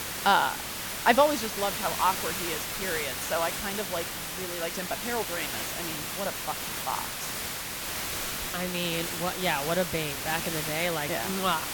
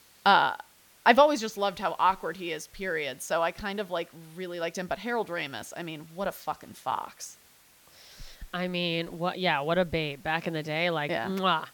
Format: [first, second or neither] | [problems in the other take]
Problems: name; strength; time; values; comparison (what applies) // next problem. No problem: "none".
second | hiss; loud; throughout; 2 dB below the speech; faint in the second